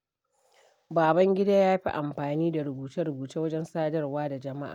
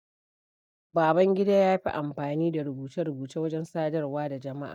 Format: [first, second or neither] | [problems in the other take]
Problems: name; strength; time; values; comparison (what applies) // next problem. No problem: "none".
first | noise reduction (neural mask model DeepFilterNet 3)